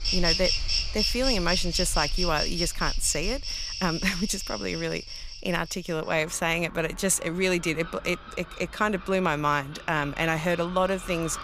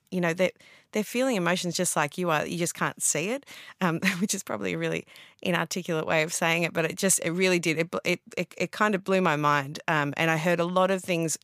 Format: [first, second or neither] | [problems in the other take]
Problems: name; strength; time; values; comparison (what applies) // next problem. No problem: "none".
second | animal sounds; loud; throughout; 2 dB below the speech